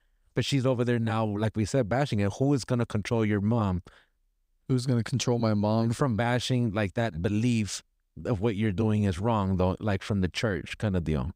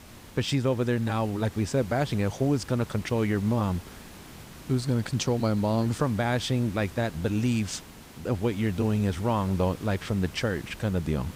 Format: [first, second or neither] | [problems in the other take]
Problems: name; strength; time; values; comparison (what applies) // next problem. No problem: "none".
first | hiss; noticeable; throughout; 20 dB below the speech